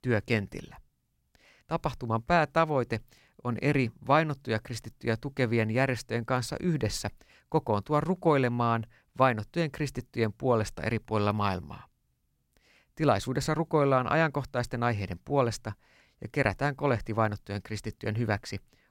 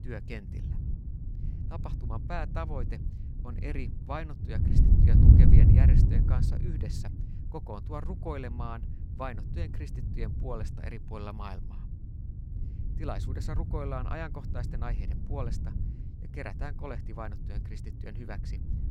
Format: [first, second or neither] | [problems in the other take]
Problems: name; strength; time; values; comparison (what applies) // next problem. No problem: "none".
first | wind noise on the microphone; heavy; 1 dB below the speech